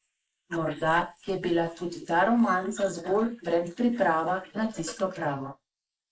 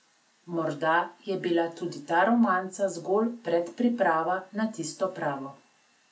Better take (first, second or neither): second